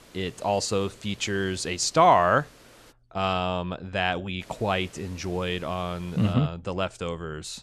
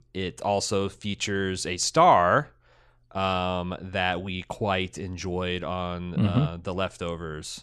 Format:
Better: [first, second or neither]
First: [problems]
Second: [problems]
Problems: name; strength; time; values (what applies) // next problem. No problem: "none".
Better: second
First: hiss; faint; until 3 s and from 4.5 to 6.5 s; 25 dB below the speech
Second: none